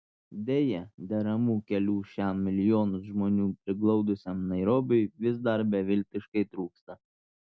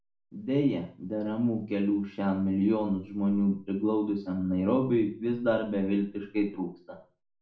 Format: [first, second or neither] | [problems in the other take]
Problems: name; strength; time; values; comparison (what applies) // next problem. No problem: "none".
first | room echo; dies away in 0.3 s